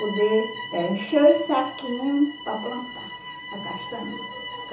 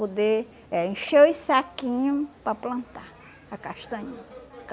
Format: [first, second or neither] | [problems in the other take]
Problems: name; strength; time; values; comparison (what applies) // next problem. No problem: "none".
second | background sound (Bowed string instrument); 11 dB below the speech // room echo; dies away in 1.2 s